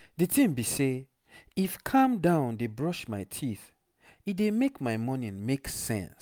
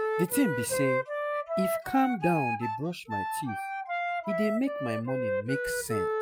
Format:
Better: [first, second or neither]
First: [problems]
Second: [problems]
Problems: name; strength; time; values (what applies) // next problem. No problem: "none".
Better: first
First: none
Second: noise reduction (classical method Wiener filter)